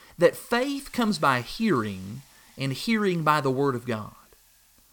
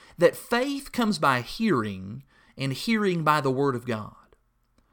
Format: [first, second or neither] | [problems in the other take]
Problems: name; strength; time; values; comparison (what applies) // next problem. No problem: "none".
second | hiss; faint; throughout; 25 dB below the speech